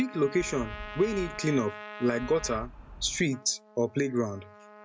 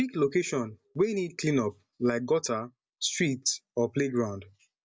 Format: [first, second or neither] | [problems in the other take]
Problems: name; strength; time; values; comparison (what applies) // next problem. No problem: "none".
second | background sound (Wind + Trumpet); 13 dB below the speech